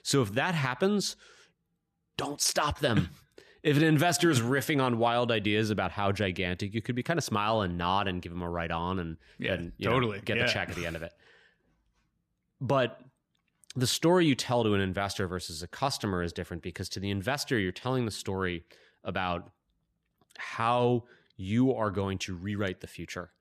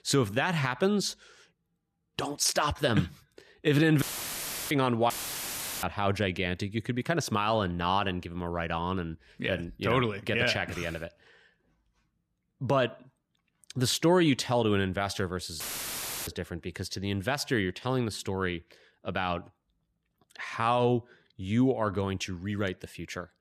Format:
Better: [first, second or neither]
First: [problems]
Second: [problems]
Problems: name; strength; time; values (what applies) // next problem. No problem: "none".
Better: first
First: none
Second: audio cutting out; filled with static; at 4 s for 0.5 s, at 5 s for 0.5 s and at 16 s for 0.5 s